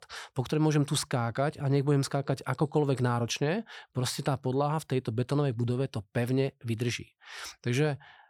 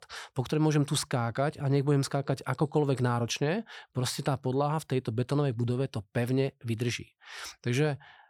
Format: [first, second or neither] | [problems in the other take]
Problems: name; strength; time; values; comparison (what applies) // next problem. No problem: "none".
neither | none